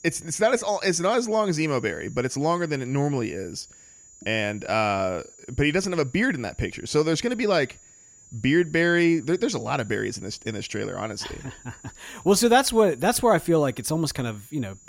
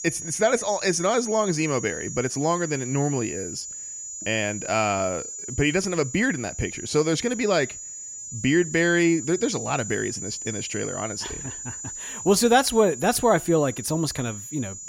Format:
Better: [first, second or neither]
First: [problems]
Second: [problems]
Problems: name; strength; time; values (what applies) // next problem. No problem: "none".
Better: first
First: high-pitched whine; faint; throughout; 7 kHz, 25 dB below the speech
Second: high-pitched whine; loud; throughout; 7 kHz, 9 dB below the speech